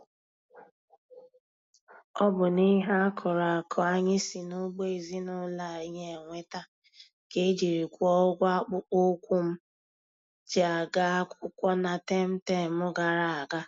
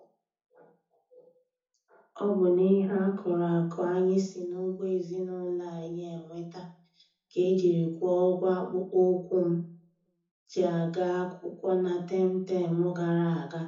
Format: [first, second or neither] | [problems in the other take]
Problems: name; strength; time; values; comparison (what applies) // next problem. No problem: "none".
first | room echo; dies away in 0.5 s